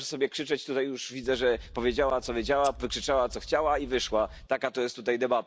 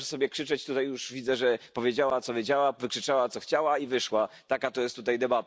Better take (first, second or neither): second